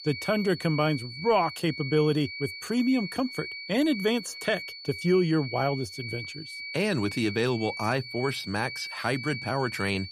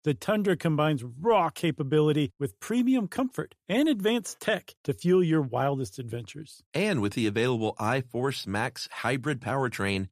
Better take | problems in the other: second | high-pitched whine; loud; throughout; 2.5 kHz, 9 dB below the speech

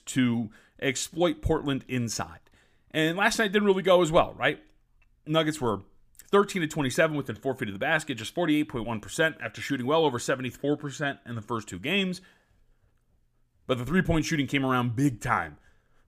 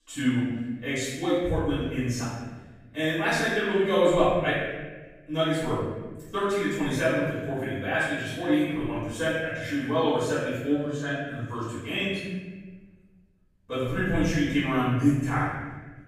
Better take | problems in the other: first | room echo; strong; dies away in 1.2 s // off-mic speech; far

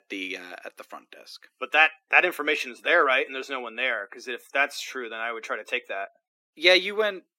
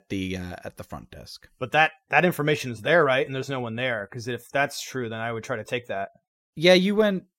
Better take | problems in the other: second | thin; somewhat; fading below 250 Hz

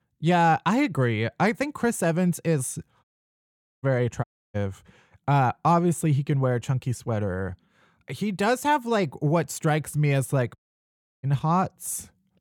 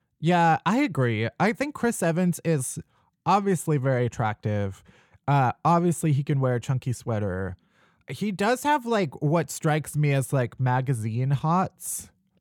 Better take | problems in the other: second | audio cutting out; at 3 s for 1 s, at 4 s and at 11 s for 0.5 s

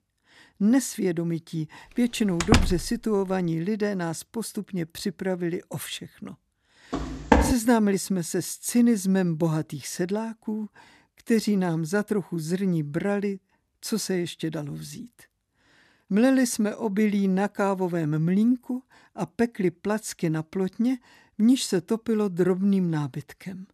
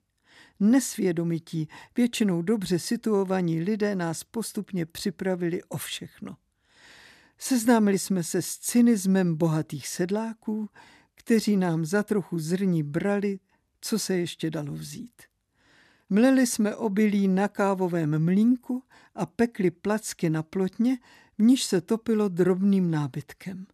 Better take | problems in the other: second | door banging; loud; at 2.5 s; peak 3 dB above the speech // footsteps; loud; at 7 s; peak 4 dB above the speech

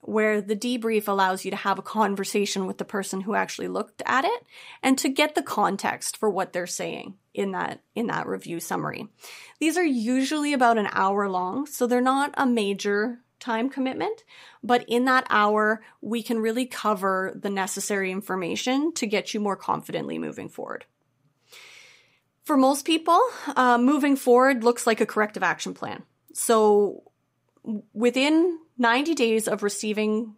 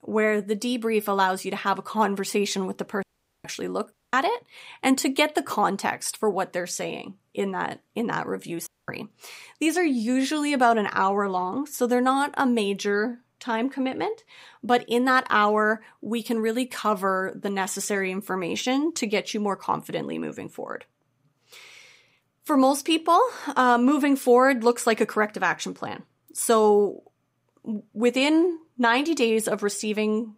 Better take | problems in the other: first | audio cutting out; at 3 s, at 4 s and at 8.5 s

